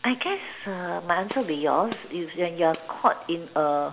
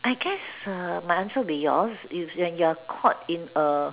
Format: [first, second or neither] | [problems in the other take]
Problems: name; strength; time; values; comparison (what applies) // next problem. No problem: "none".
second | background sound (Gunshot, gunfire); 17 dB below the speech // room echo; dies away in 1.2 s